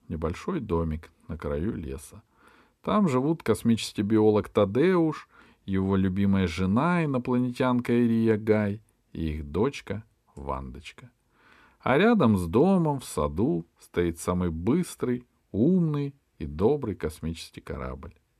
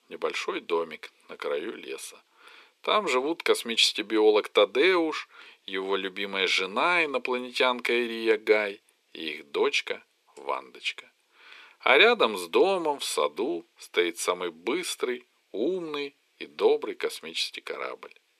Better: first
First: none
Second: thin; very; fading below 400 Hz

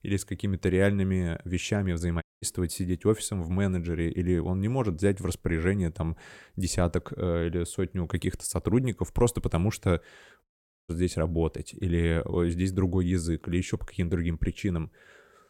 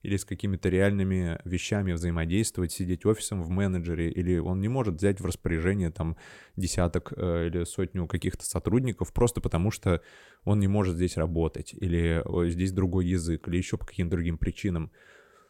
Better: second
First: audio cutting out; at 2 s and at 10 s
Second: none

